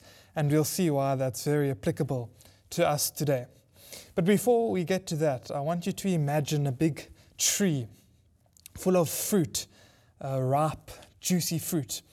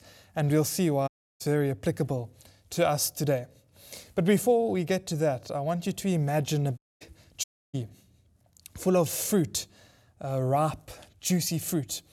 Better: first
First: none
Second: audio cutting out; at 1 s, at 7 s and at 7.5 s

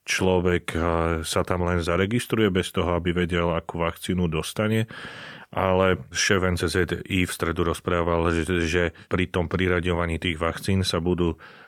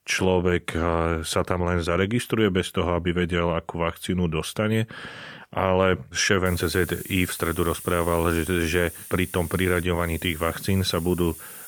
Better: first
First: none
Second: hiss; noticeable; from 6.5 s on; 15 dB below the speech

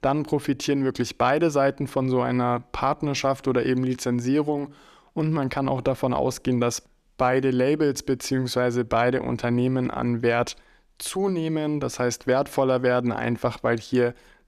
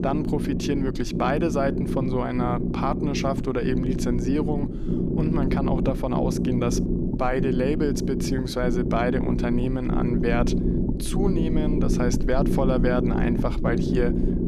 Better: first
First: none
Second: low rumble; loud; throughout; 3 dB below the speech

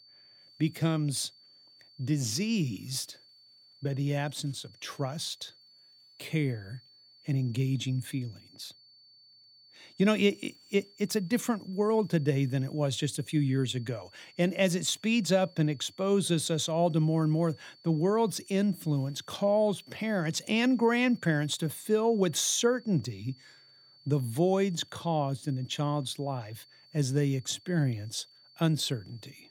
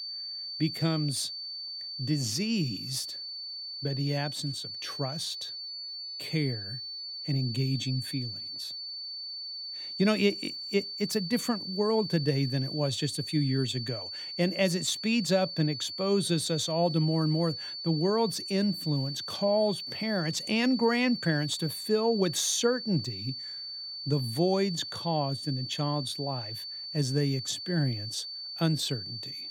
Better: first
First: high-pitched whine; faint; throughout; 4.5 kHz, 25 dB below the speech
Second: high-pitched whine; loud; throughout; 4.5 kHz, 6 dB below the speech

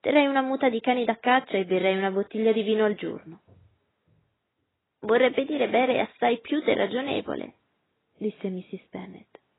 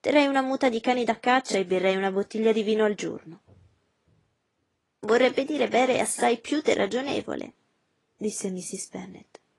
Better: second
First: garbled, watery; badly; nothing above 4 kHz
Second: garbled, watery; slightly; nothing above 10.5 kHz

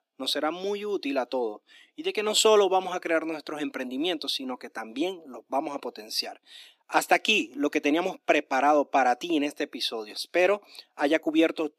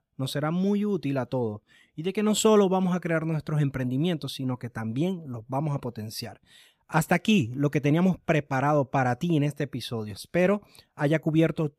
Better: second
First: thin; somewhat; fading below 300 Hz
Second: none

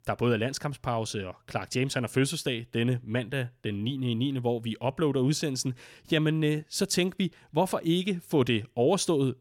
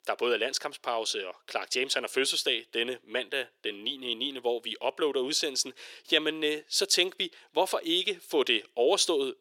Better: first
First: none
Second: thin; very; fading below 400 Hz

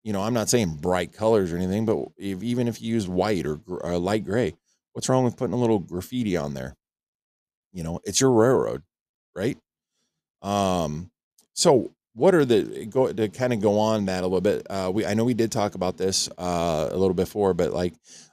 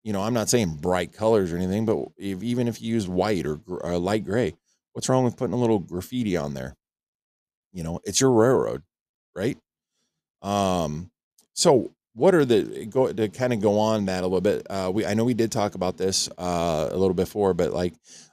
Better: neither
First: none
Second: none

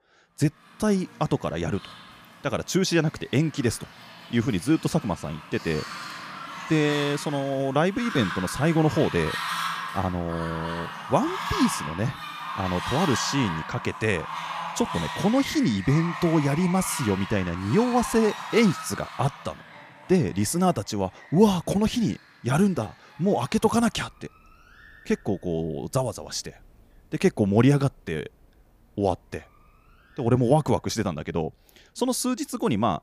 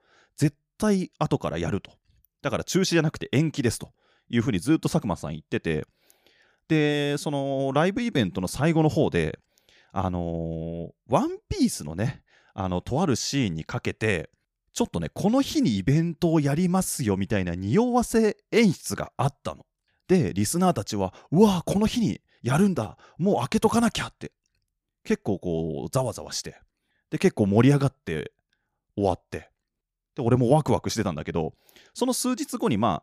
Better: second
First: animal sounds; loud; throughout; 9 dB below the speech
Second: none

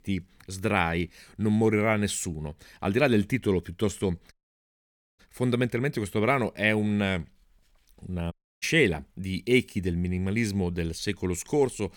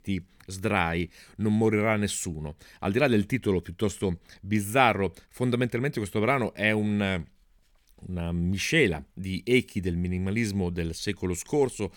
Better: second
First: audio cutting out; at 4.5 s for 1 s and at 8.5 s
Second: none

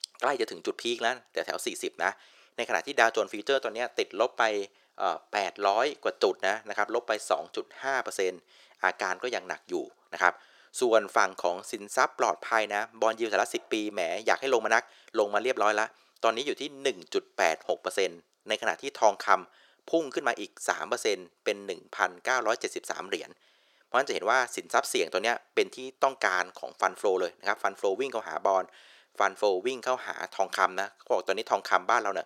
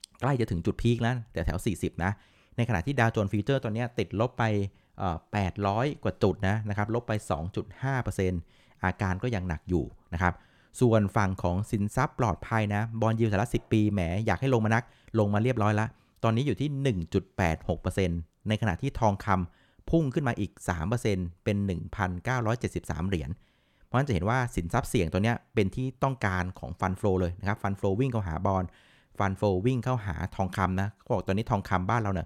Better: second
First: thin; very; fading below 400 Hz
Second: none

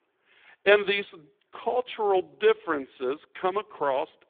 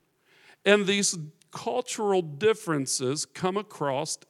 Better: second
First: phone-call audio; poor line; nothing above 3.5 kHz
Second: none

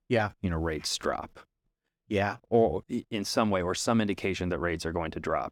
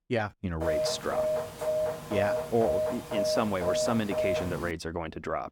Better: first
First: none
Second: phone ringing; loud; from 0.5 to 4.5 s; peak 2 dB above the speech

